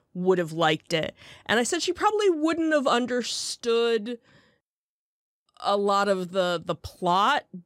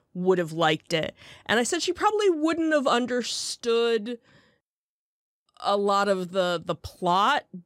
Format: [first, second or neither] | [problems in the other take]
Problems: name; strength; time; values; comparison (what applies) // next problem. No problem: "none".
neither | none